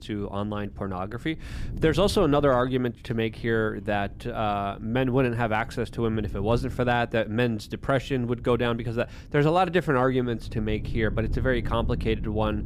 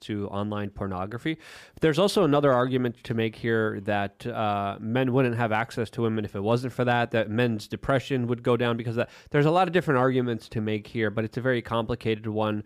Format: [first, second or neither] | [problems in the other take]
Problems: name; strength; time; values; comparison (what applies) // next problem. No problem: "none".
second | low rumble; faint; throughout; 25 dB below the speech